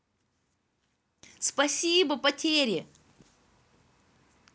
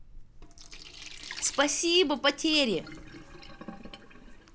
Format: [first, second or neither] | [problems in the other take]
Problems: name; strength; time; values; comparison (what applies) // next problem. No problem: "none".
first | background sound (Sink (filling or washing)); 14 dB below the speech